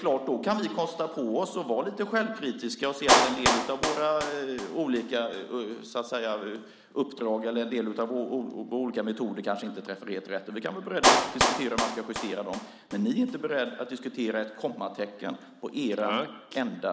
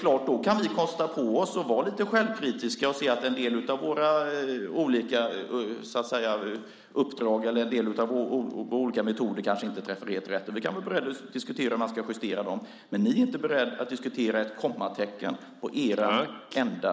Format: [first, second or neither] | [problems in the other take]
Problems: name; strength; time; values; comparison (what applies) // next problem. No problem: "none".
second | background sound (Clapping); 2 dB below the speech